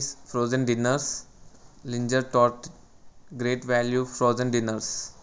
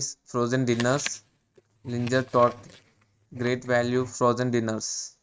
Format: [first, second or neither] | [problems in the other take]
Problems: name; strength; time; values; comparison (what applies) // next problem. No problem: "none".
first | noise reduction (neural mask model RNNoise)